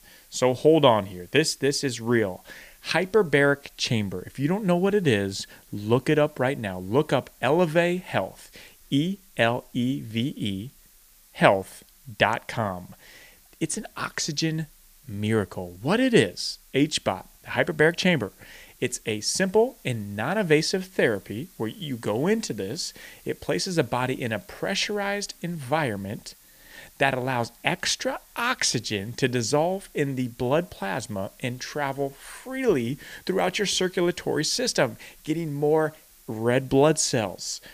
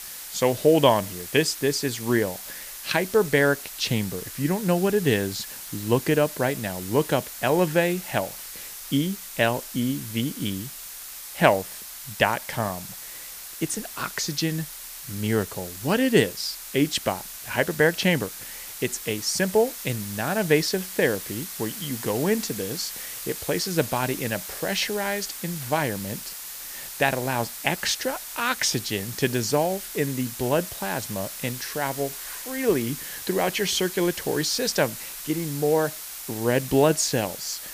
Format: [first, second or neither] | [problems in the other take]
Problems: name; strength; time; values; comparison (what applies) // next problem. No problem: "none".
first | hiss; loud; throughout; 9 dB below the speech; faint in the first